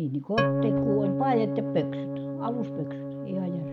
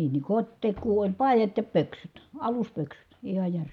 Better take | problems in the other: second | background sound (Organ); 1 dB above the speech

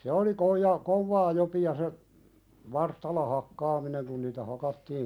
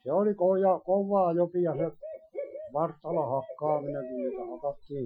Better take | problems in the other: first | noise reduction (classical method Wiener filter)

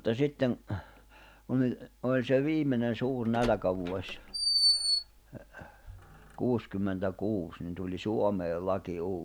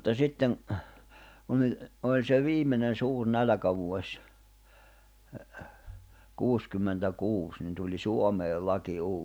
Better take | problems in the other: second | background sound (Door); 2 dB below the speech

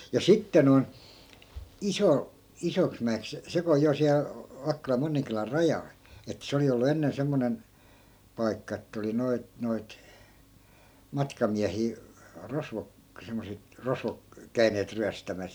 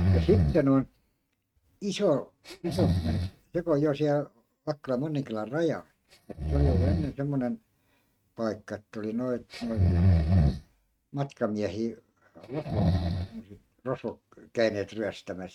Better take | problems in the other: first | noise reduction (neural mask model RNNoise)

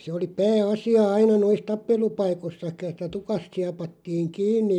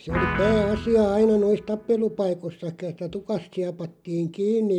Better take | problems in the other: first | background sound (Guitar); 7 dB below the speech

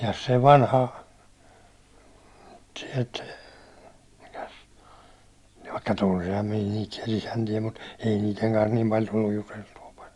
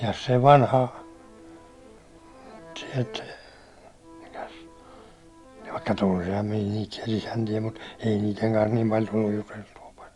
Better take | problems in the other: first | background sound (Accordion); 20 dB below the speech

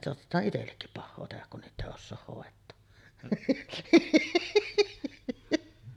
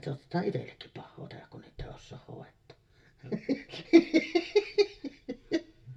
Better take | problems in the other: first | room echo; dies away in 0.1 s

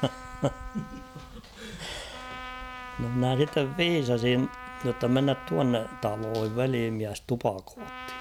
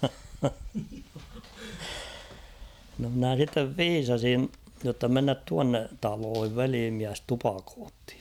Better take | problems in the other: second | background sound (Trumpet); 15 dB below the speech

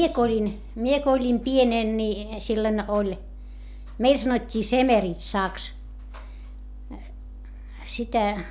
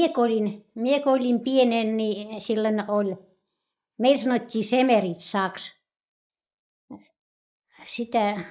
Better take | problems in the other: first | noise reduction (neural mask model Resemble Enhance denoiser)

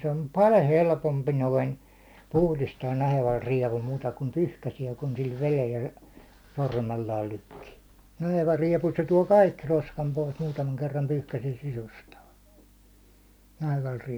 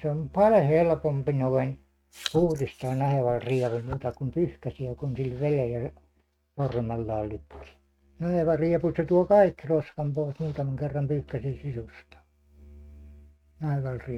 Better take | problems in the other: first | noise reduction (neural mask model RNNoise)

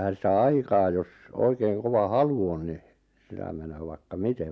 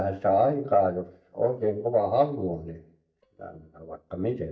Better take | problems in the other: first | noise reduction (neural mask model DeepFilterNet 3)

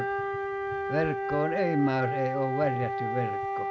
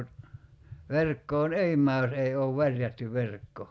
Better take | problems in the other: second | background sound (Wind instrument, woodwind instrument); 1 dB below the speech

